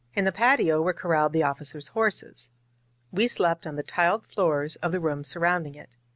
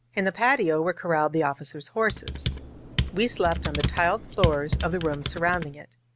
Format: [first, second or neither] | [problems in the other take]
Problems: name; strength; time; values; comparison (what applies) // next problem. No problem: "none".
first | background sound (Computer keyboard); 4 dB below the speech